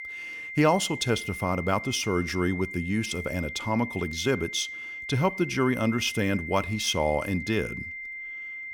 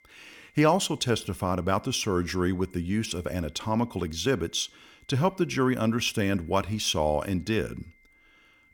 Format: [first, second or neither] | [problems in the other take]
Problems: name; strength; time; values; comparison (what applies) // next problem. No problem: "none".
second | high-pitched whine; loud; throughout; 2 kHz, 8 dB below the speech; faint in the second